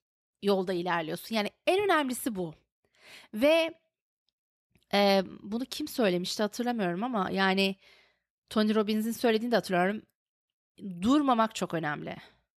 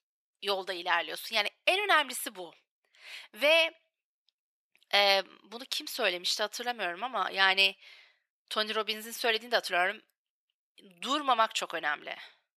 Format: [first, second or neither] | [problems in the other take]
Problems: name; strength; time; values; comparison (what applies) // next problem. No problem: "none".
first | thin; very; fading below 650 Hz